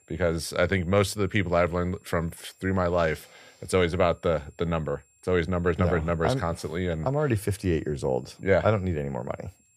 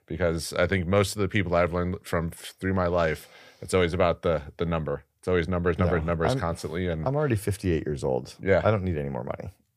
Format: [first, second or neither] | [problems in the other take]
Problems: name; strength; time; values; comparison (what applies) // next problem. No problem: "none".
second | high-pitched whine; faint; throughout; 7.5 kHz, 35 dB below the speech